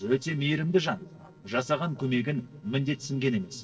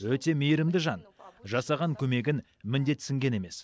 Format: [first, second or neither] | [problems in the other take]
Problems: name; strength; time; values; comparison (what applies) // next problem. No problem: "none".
second | noise reduction (neural separator model SepFormer DNS4)